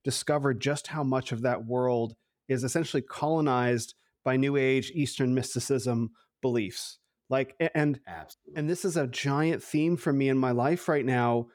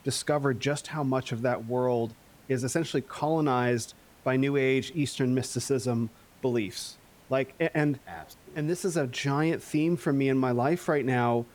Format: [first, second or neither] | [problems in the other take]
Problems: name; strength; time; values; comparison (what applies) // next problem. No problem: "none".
first | hiss; faint; throughout; 25 dB below the speech